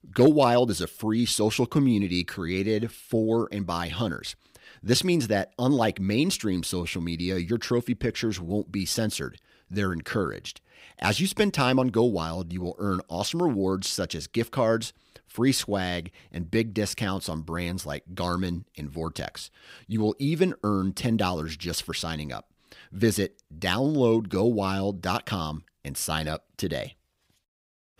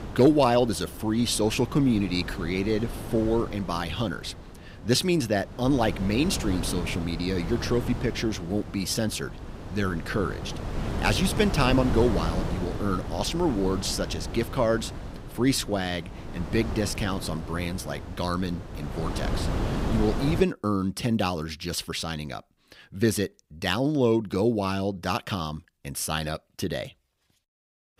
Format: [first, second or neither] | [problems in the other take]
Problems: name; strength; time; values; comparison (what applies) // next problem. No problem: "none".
first | wind noise on the microphone; occasional gusts; until 20 s; 10 dB below the speech